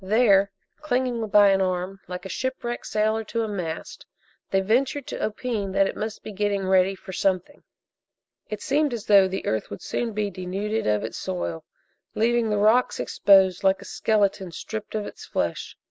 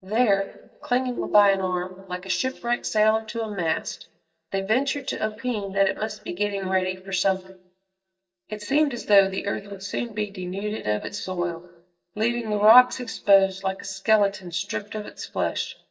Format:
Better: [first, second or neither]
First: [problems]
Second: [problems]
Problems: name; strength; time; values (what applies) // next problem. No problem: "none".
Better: first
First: none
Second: noise reduction (neural mask model DeepFilterNet 3)